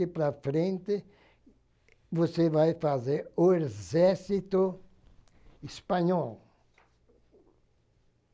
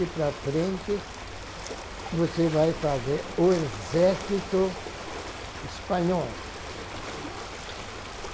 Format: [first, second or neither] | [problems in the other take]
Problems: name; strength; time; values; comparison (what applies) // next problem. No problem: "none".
first | background sound (Ocean); 9 dB below the speech